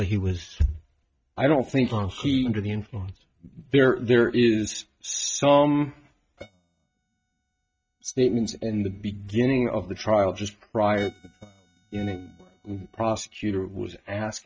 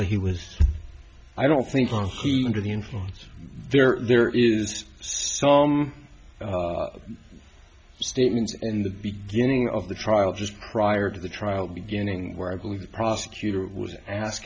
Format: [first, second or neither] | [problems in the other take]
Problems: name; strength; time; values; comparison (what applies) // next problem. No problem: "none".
second | noise reduction (neural mask model RNNoise)